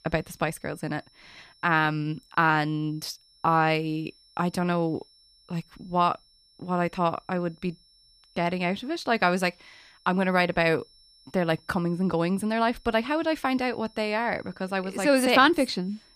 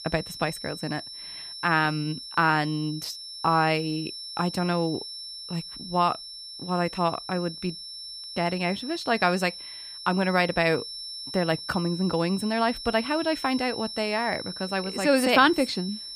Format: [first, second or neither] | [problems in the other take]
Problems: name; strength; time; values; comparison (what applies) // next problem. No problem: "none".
first | high-pitched whine; loud; throughout; 5.5 kHz, 10 dB below the speech; faint in the first